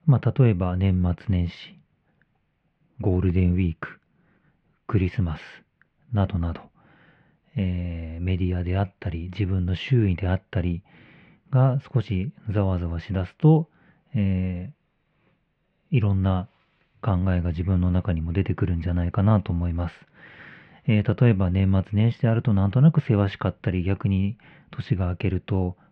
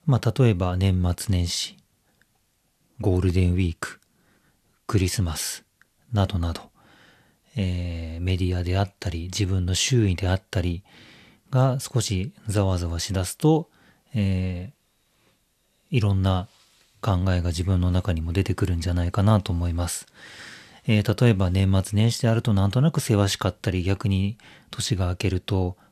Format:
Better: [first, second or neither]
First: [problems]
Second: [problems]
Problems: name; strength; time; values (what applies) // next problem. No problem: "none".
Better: second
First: muffled; very; fading above 2.5 kHz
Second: none